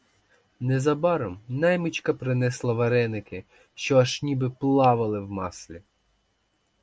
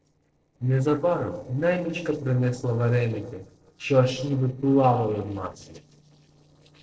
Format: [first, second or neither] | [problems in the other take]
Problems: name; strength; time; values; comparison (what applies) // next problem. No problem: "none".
first | noise reduction (neural separator model SepFormer DNS4)